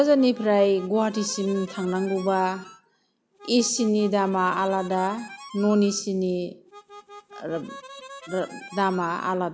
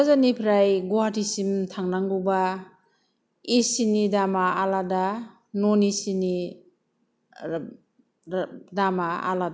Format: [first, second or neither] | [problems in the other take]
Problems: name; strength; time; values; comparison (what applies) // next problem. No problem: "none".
second | background sound (Harmonica); 18 dB below the speech